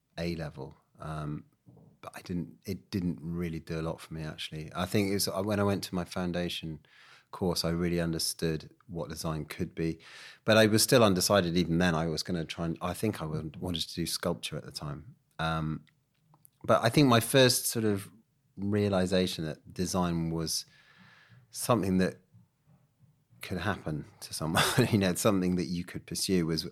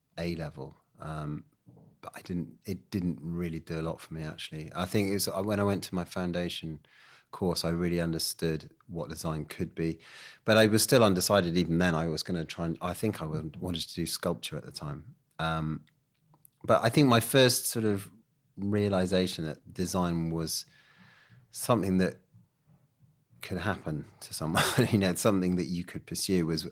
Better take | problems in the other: first | garbled, watery; slightly

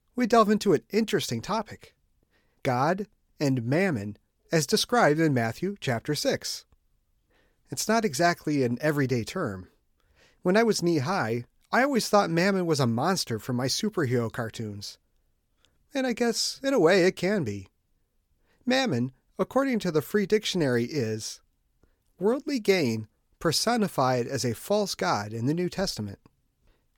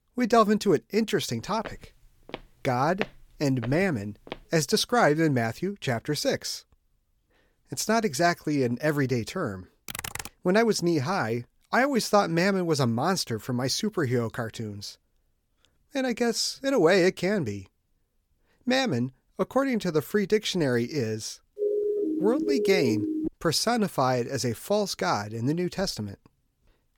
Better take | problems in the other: first | footsteps; noticeable; from 1.5 to 4.5 s; peak 10 dB below the speech // keyboard typing; noticeable; at 10 s; peak 8 dB below the speech // siren; noticeable; from 22 to 23 s; peak 1 dB below the speech

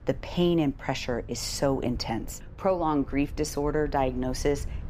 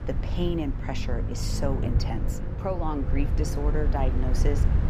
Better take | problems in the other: first | low rumble; loud; throughout; 6 dB below the speech; faint in the first

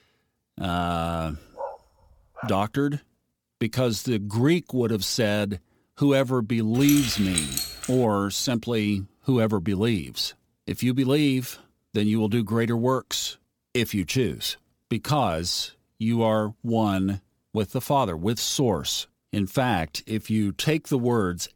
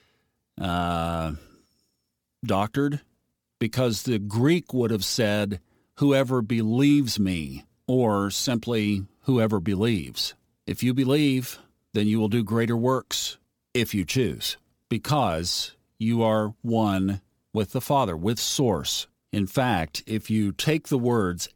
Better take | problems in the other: second | dog barking; faint; at 1.5 s; peak 10 dB below the speech // jangling keys; noticeable; from 7 to 8 s; peak 1 dB below the speech

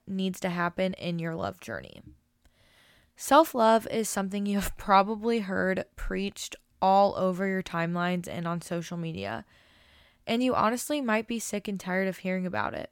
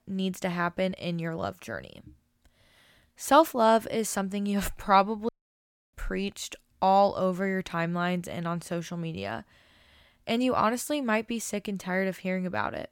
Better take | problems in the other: first | audio cutting out; at 5.5 s for 0.5 s

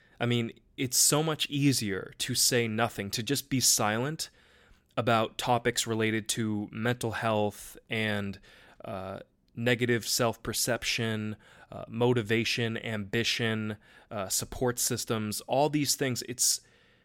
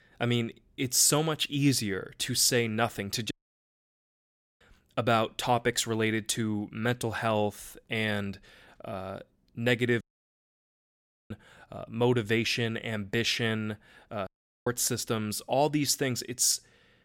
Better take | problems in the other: first | audio cutting out; at 3.5 s for 1.5 s, at 10 s for 1.5 s and at 14 s

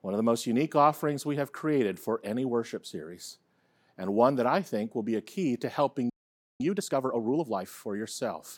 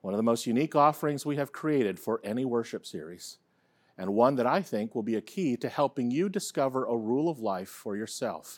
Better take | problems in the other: second | audio freezing; at 6 s for 0.5 s

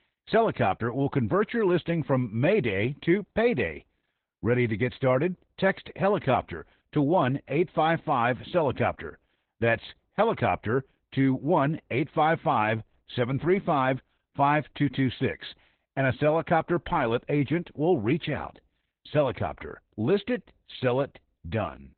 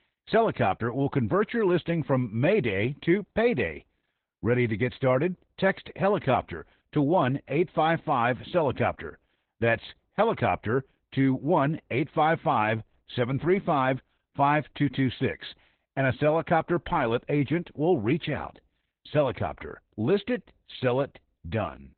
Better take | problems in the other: neither | garbled, watery; badly; nothing above 4 kHz; the same in both

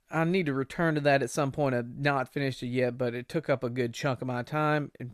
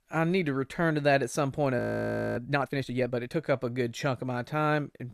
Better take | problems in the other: first | audio freezing; at 2 s for 0.5 s

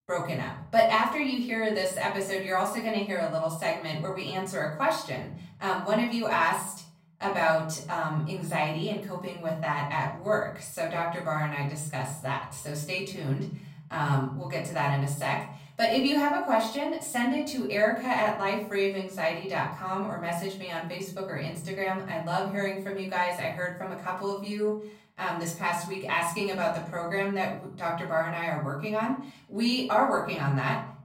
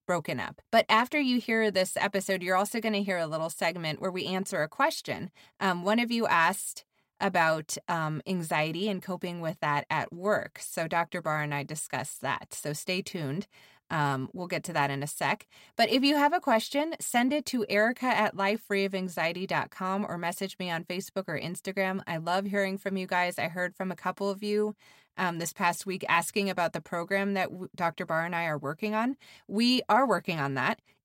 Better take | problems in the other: second | off-mic speech; far // room echo; slight; dies away in 0.7 s

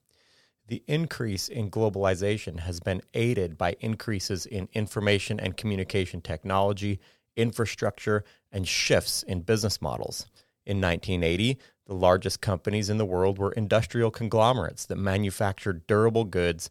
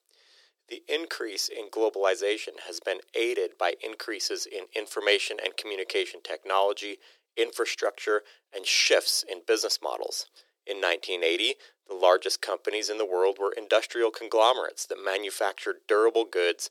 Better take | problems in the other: first | thin; very; fading below 350 Hz

